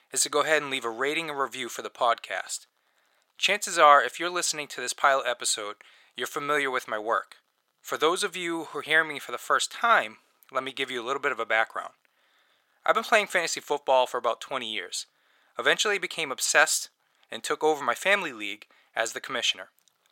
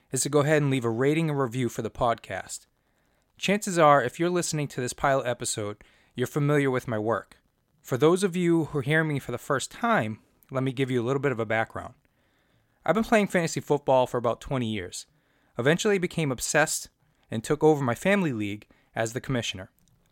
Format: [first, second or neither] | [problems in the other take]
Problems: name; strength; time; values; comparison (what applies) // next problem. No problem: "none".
second | thin; very; fading below 600 Hz